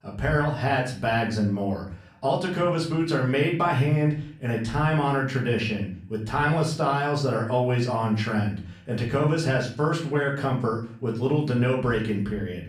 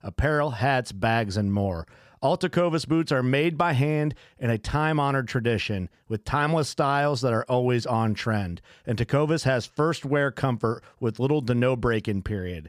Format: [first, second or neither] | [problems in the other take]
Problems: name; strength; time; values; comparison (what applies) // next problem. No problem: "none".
second | off-mic speech; far // room echo; slight; dies away in 0.4 s